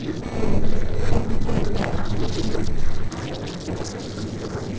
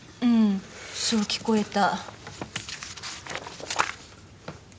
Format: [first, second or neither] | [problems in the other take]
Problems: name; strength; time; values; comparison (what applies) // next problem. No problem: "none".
second | noise reduction (neural separator model SepFormer DNS4)